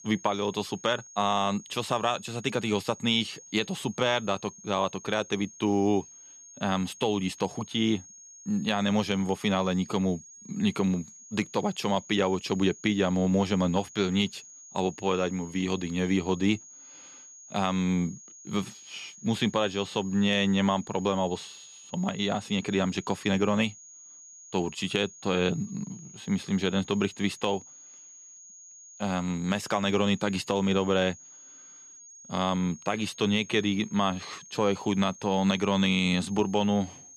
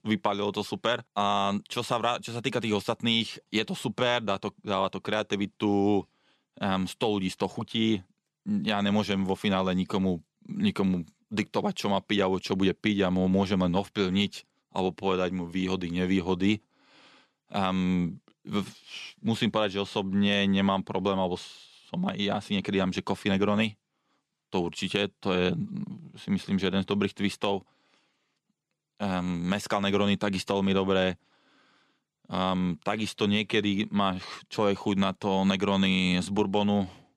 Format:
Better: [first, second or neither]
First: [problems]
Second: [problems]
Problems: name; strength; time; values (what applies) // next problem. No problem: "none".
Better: second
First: high-pitched whine; noticeable; throughout; 6.5 kHz, 20 dB below the speech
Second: none